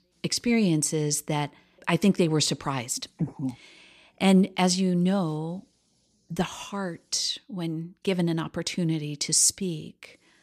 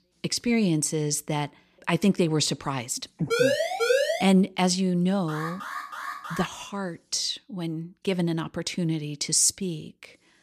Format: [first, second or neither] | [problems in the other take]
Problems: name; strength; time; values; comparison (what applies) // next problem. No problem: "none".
first | siren; loud; at 3.5 s; peak 3 dB above the speech // alarm; noticeable; from 5.5 to 6.5 s; peak 8 dB below the speech